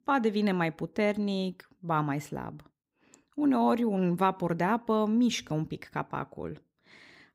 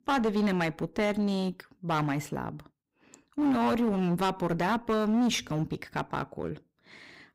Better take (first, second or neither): first